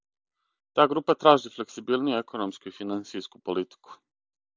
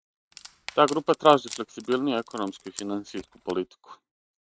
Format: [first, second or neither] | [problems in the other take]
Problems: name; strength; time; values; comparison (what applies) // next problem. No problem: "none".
first | noise reduction (neural mask model RNNoise)